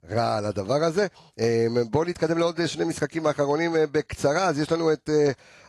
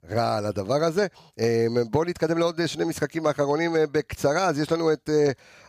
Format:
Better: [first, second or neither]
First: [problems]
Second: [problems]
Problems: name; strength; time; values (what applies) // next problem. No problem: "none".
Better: second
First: garbled, watery; slightly; nothing above 11.5 kHz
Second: none